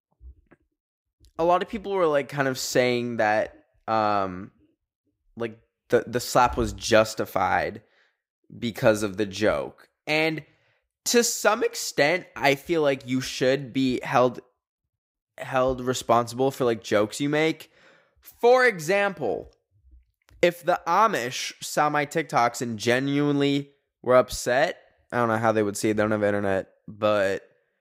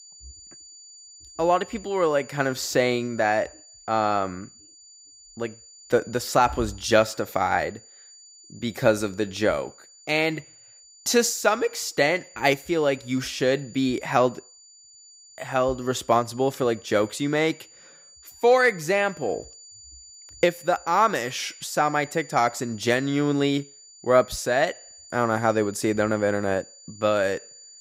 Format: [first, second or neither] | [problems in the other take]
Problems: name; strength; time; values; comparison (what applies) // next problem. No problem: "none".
first | high-pitched whine; faint; throughout; 7 kHz, 20 dB below the speech